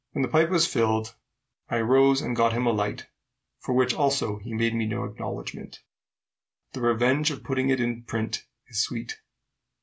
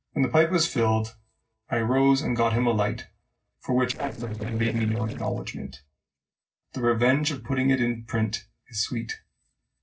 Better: first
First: none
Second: noise reduction (neural separator model SepFormer DNS4)

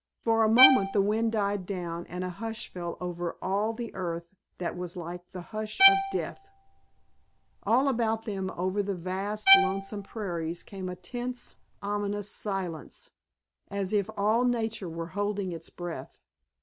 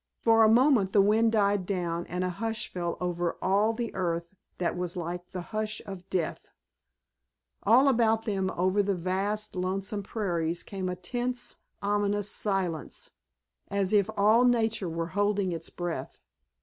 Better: second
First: background sound (Bowed string instrument); as loud as the speech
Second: none

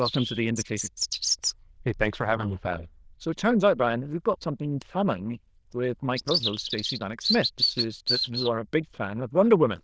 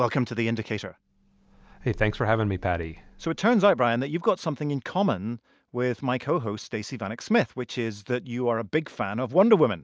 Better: second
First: noise reduction (neural diffusion model UNIVERSE++)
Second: none

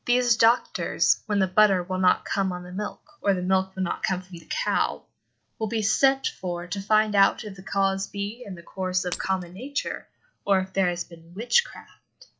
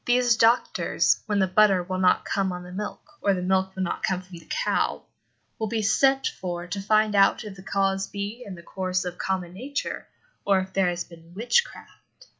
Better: second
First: noise reduction (neural separator model SepFormer DNS4)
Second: none

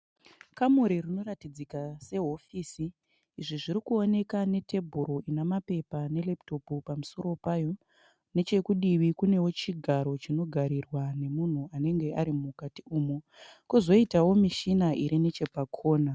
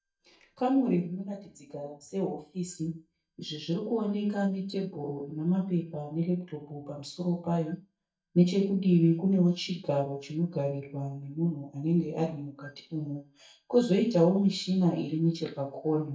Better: first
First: none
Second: noise reduction (neural mask model DeepFilterNet 3)

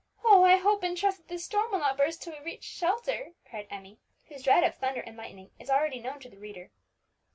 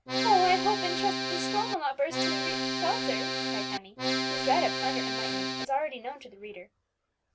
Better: first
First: none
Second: background sound (Accordion); 1 dB above the speech

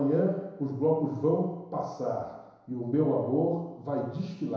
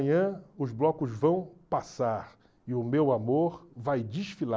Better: second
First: room echo; dies away in 1 s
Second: none

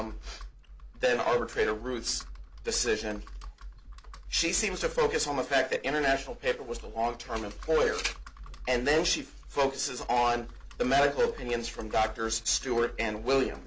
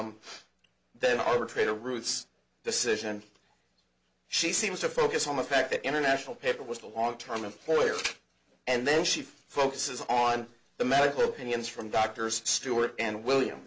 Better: second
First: background sound (Computer keyboard); 13 dB below the speech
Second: none

